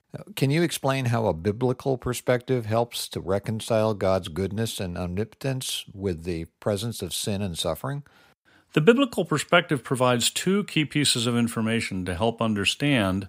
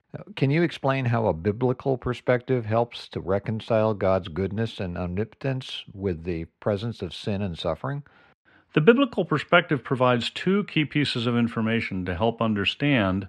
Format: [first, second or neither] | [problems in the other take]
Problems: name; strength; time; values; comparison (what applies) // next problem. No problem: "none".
first | muffled; slightly; fading above 2.5 kHz